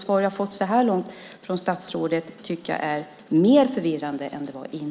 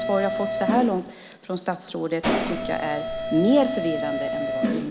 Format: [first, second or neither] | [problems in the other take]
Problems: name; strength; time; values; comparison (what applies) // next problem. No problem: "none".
first | background sound (Mechanisms); 2 dB below the speech